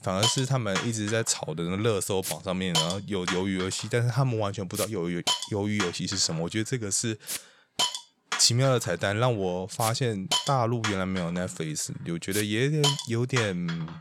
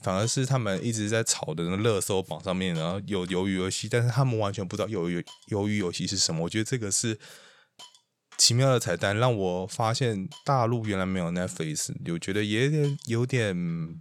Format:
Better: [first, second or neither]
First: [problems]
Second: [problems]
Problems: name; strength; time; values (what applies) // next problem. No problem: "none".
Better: second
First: hiss; loud; throughout; 4 dB below the speech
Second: hiss; faint; throughout; 25 dB below the speech